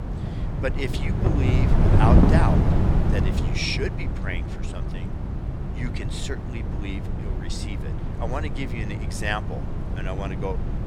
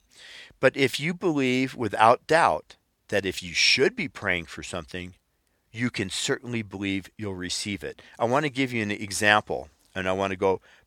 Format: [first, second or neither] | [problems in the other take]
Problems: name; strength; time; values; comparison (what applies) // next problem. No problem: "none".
second | wind noise on the microphone; heavy; 2 dB below the speech